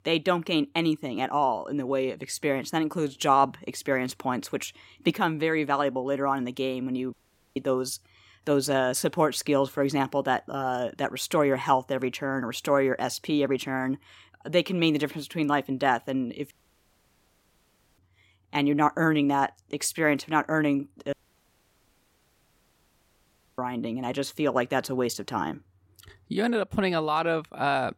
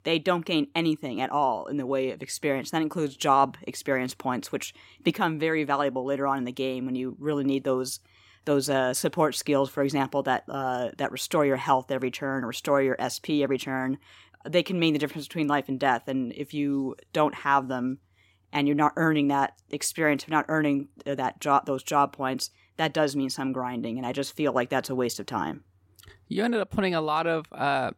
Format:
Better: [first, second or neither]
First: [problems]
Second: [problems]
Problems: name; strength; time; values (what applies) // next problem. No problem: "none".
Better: second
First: audio cutting out; at 7 s, at 17 s for 1.5 s and at 21 s for 2.5 s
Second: none